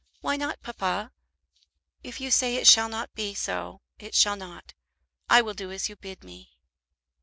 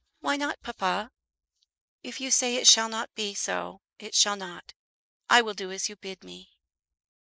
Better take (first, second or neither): first